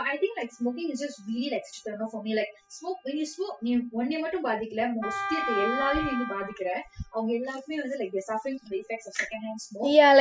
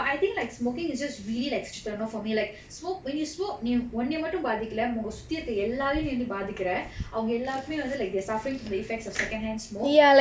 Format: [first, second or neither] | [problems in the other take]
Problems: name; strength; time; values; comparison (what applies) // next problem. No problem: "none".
second | noise reduction (classical method spectral subtraction)